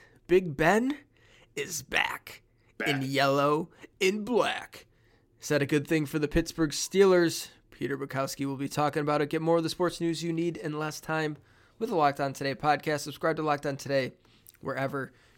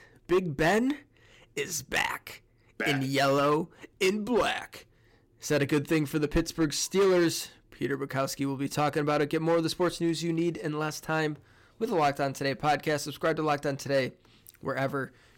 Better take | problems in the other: first | distortion; slight; 4% of the sound clipped

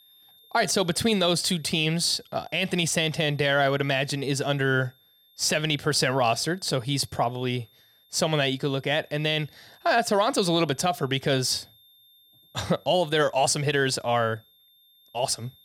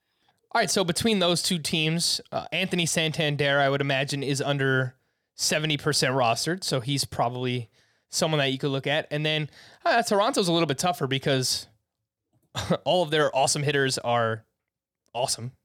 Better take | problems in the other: second | high-pitched whine; faint; throughout; 3.5 kHz, 30 dB below the speech

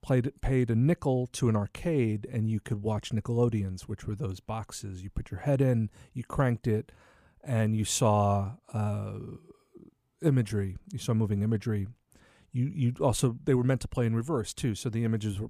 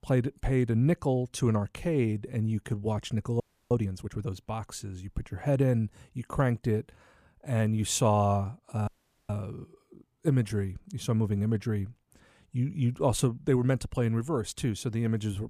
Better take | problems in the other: first | audio freezing; at 3.5 s and at 9 s

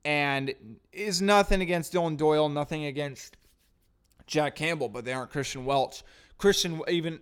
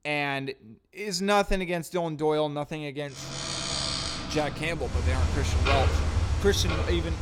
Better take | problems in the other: first | household noises; very loud; from 3 s on; as loud as the speech

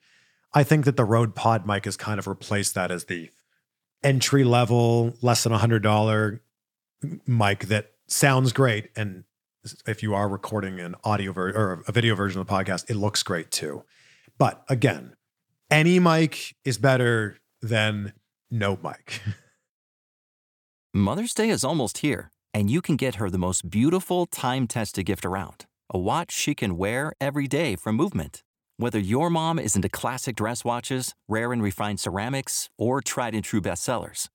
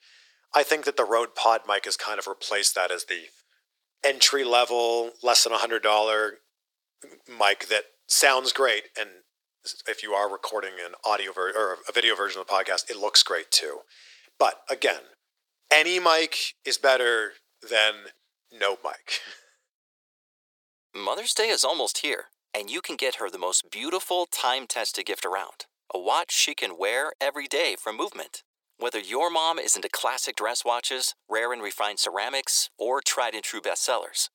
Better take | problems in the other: first | thin; very; fading below 400 Hz

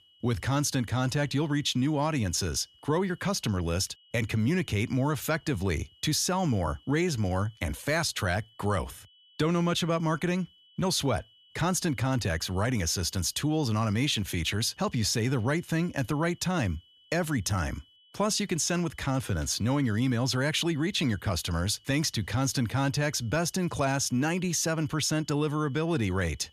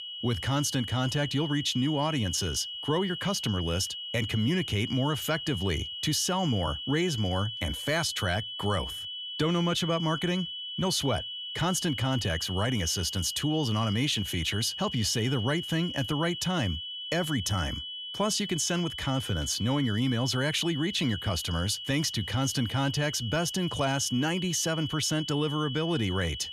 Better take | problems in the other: first | high-pitched whine; loud; throughout; 3 kHz, 6 dB below the speech; faint in the first

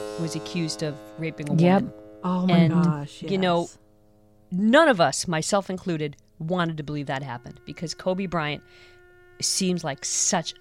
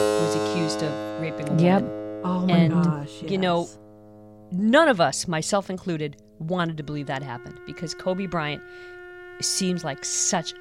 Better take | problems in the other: first | background music; loud; throughout; 9 dB below the speech; faint in the first

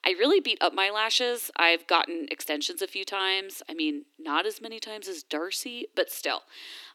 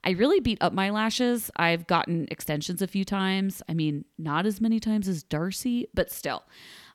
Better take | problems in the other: second | thin; somewhat; fading below 300 Hz

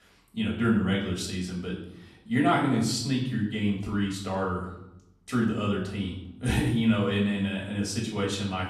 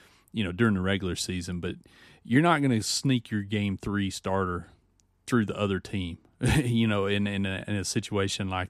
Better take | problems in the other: second | off-mic speech; far // room echo; noticeable; dies away in 0.7 s

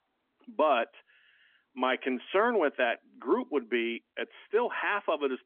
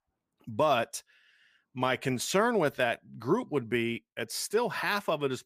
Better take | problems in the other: second | phone-call audio; nothing above 3.5 kHz

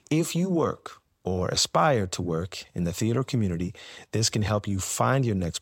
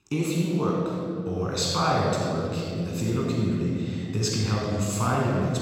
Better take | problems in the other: first | off-mic speech; far // room echo; strong; dies away in 2.3 s

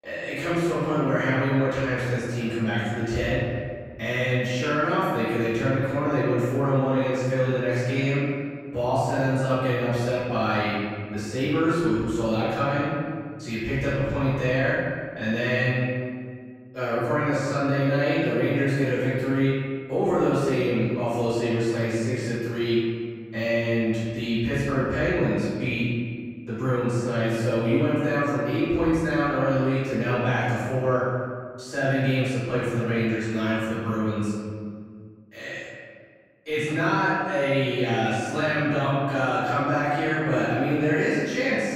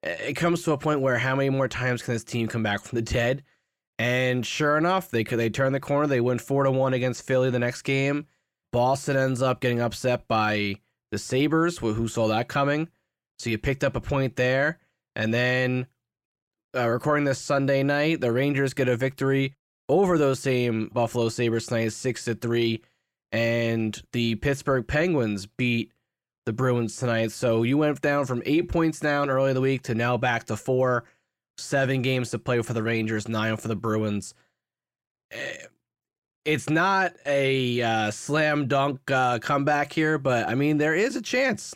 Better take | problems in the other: second | off-mic speech; far // room echo; strong; dies away in 1.9 s

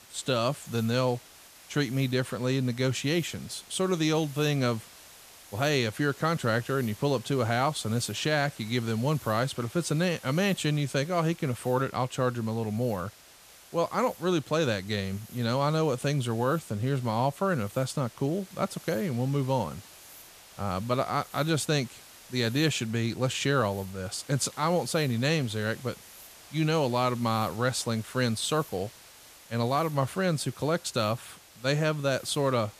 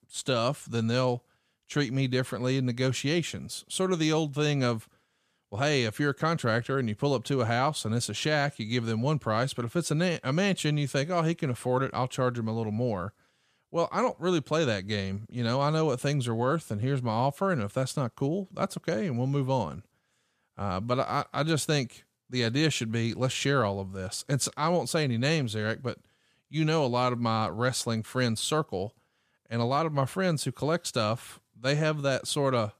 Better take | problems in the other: second | hiss; noticeable; throughout; 20 dB below the speech

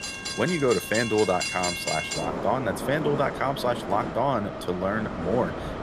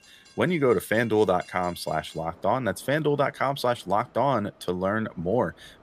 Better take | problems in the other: second | train or aircraft noise; loud; throughout; 5 dB below the speech; faint in the second

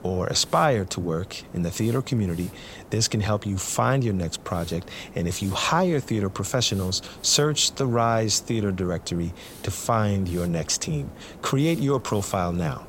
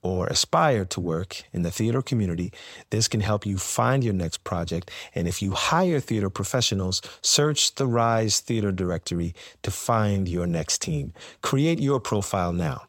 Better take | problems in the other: second | hiss; noticeable; throughout; 20 dB below the speech

